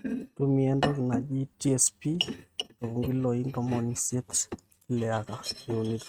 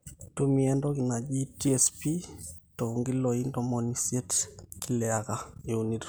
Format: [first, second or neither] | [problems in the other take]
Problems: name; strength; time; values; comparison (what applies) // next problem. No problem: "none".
second | noise reduction (neural mask model RNNoise)